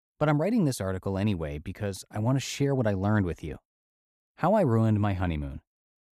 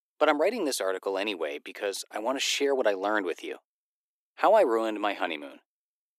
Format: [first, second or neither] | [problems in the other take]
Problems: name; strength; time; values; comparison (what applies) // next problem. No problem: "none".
first | thin; very; fading below 350 Hz